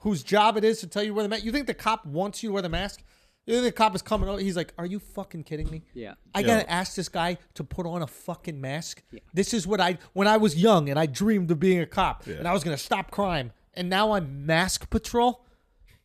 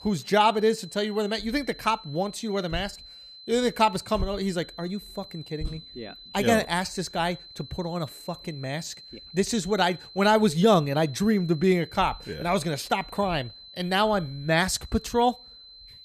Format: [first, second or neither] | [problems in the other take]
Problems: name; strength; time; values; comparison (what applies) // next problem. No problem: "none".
first | high-pitched whine; noticeable; throughout; 4 kHz, 20 dB below the speech